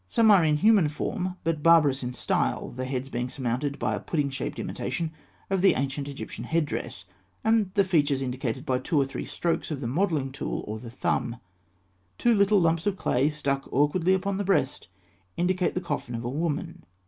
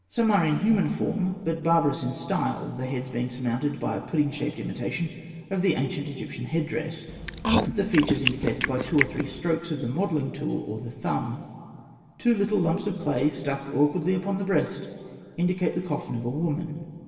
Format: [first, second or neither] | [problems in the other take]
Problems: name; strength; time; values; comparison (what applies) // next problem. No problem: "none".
first | background sound (Chewing, mastication); 3 dB below the speech // room echo; dies away in 2.3 s